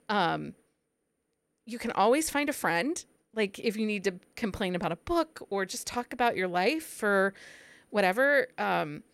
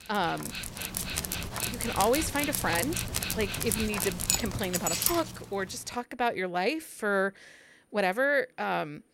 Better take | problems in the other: first | dog barking; loud; until 5 s; peak 4 dB above the speech

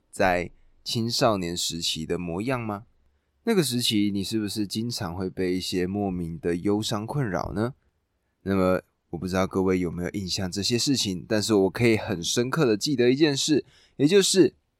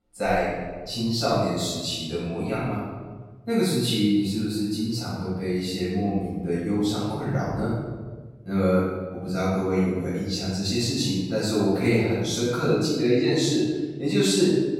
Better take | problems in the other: first | off-mic speech; far // room echo; strong; dies away in 1.4 s

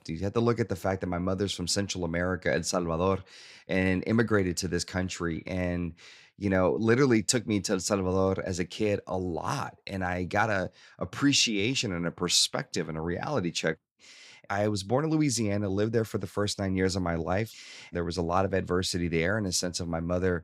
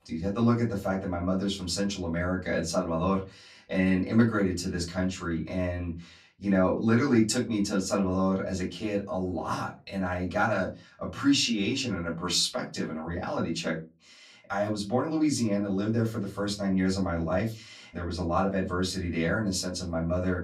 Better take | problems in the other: first | off-mic speech; far // room echo; very slight; dies away in 0.2 s

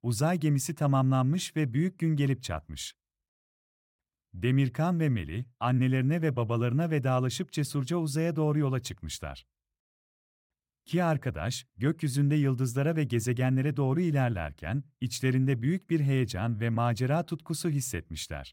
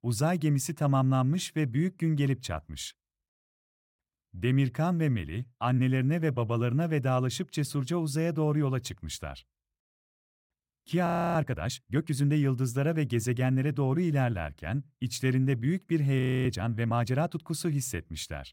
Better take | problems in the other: first | audio freezing; at 11 s and at 16 s

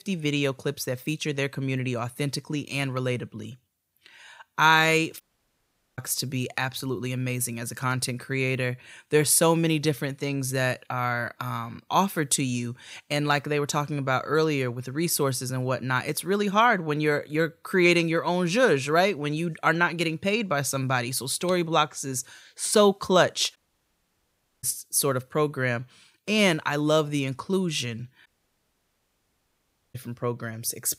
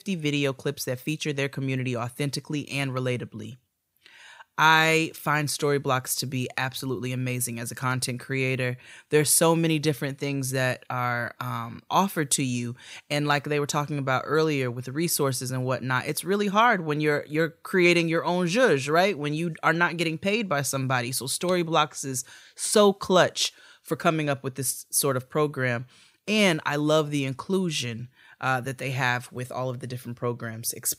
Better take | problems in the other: second | audio cutting out; at 5 s for 1 s, at 24 s for 1 s and at 28 s for 1.5 s

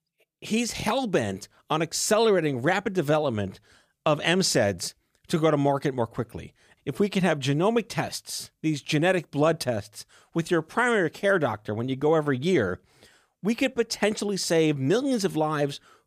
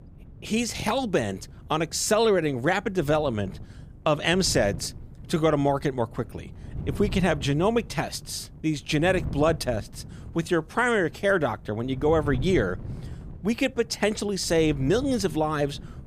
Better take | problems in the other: first | wind noise on the microphone; occasional gusts; 25 dB below the speech

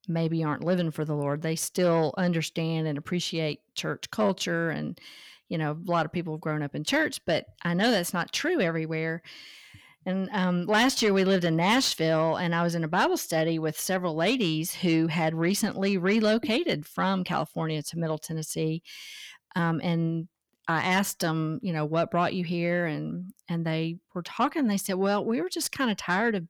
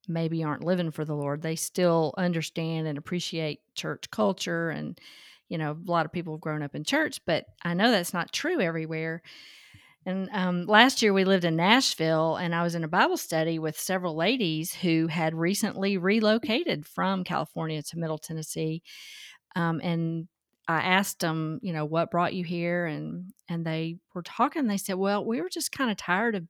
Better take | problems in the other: second | distortion; slight; 10 dB below the speech

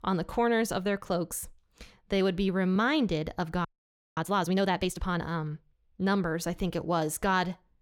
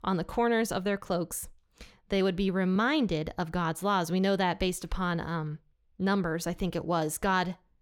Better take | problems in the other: second | audio freezing; at 3.5 s for 0.5 s

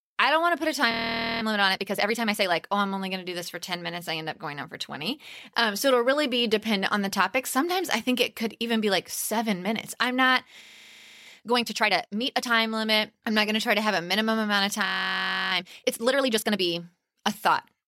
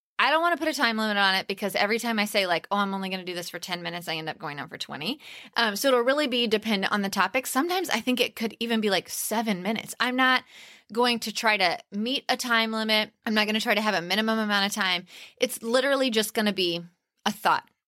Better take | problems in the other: second | audio freezing; at 1 s, at 11 s for 0.5 s and at 15 s for 0.5 s

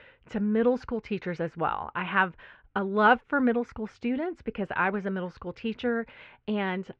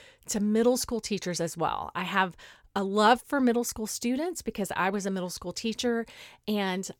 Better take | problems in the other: second | muffled; very; fading above 2.5 kHz

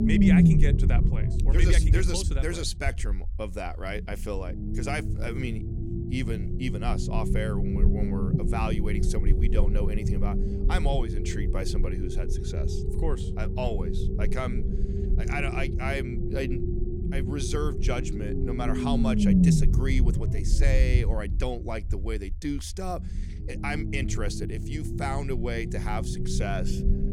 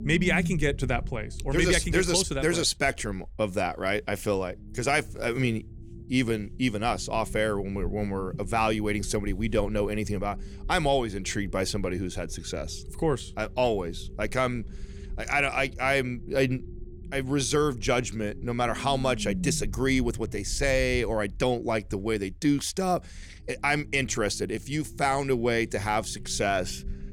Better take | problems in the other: second | low rumble; loud; throughout; 3 dB below the speech; faint in the second

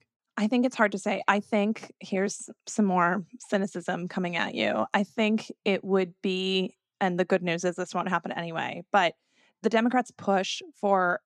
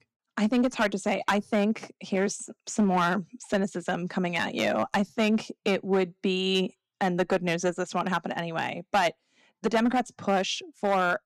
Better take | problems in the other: first | distortion; slight; 4% of the sound clipped

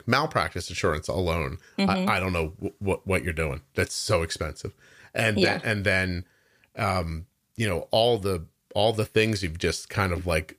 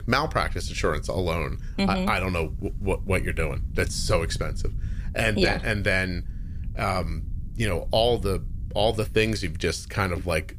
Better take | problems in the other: first | low rumble; faint; throughout; 25 dB below the speech

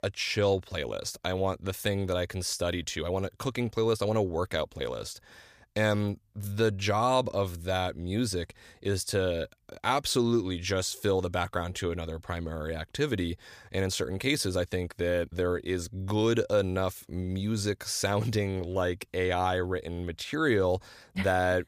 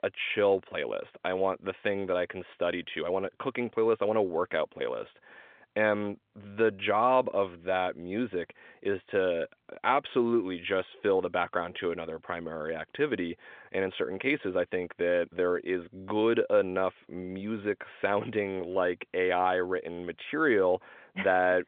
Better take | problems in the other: first | phone-call audio; nothing above 3.5 kHz

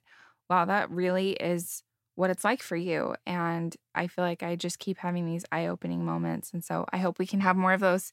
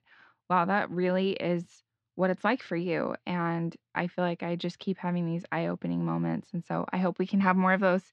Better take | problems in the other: first | muffled; very slightly; fading above 4.5 kHz

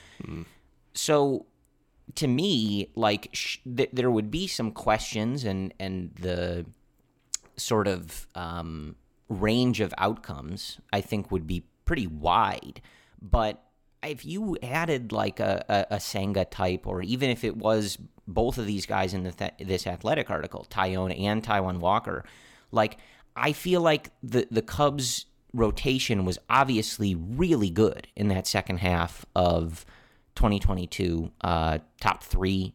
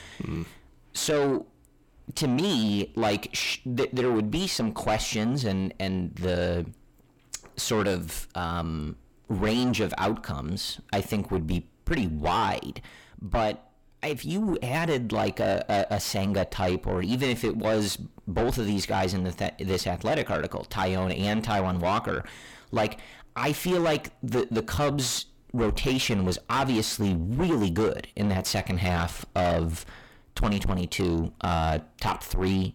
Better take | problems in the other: first | distortion; heavy; 6 dB below the speech

